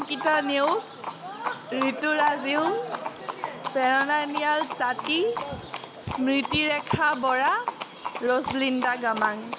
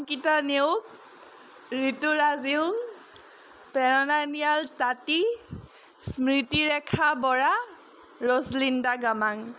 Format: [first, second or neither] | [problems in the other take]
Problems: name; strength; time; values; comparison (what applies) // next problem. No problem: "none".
second | background sound (Livestock, farm animals, working animals); 7 dB below the speech